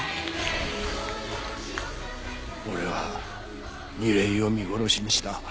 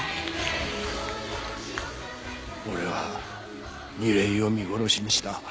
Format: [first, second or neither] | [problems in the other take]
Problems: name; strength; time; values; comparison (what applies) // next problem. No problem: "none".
second | background sound (Idling / Engine starting / Door / Car); 13 dB below the speech